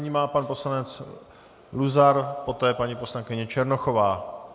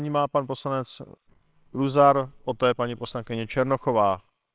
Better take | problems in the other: first | noise reduction (neural separator model SepFormer WHAMR!)

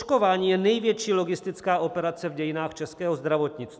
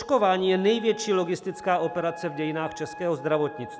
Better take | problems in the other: first | background sound (Wind instrument, woodwind instrument); 16 dB below the speech

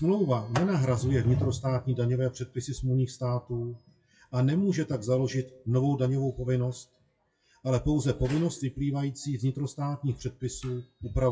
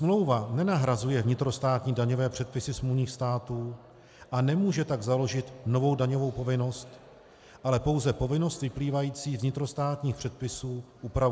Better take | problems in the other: second | noise reduction (classical method WPE with log-MMSE)

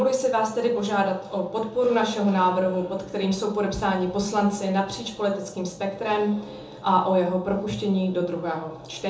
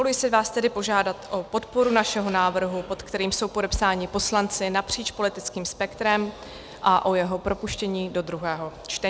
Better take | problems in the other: second | room echo; dies away in 1 s

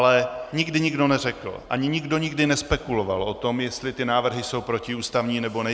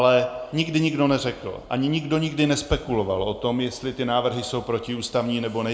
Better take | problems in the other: first | room echo; dies away in 0.6 s

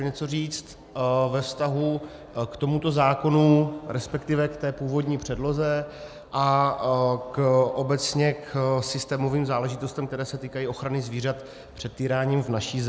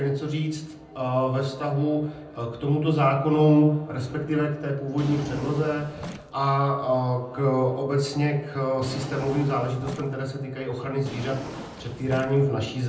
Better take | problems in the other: first | background sound (Drawer open or close); 14 dB below the speech // room echo; dies away in 0.6 s

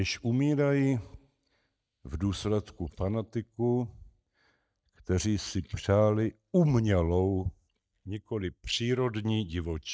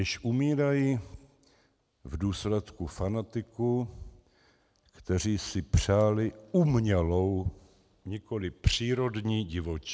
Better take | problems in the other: second | noise reduction (neural mask model DeepFilterNet 3)

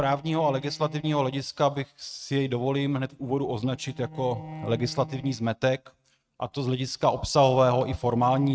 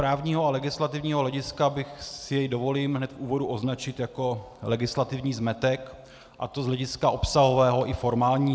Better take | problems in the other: second | noise reduction (neural mask model RNNoise)

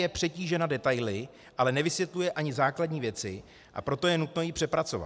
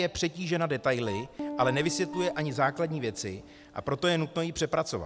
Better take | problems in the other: first | background sound (Wind instrument, woodwind instrument + Piano); 11 dB below the speech

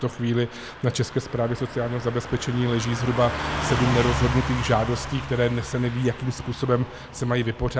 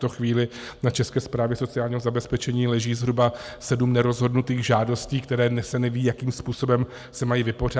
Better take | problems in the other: second | background sound (Car passing by / Truck); 7 dB below the speech

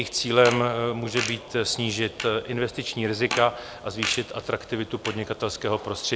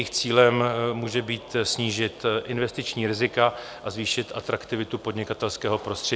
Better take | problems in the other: second | background sound (Fart); 10 dB below the speech

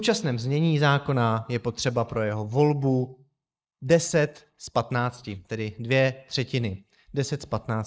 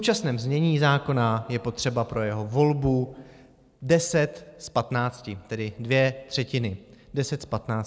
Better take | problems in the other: second | noise reduction (neural mask model Resemble Enhance denoiser)

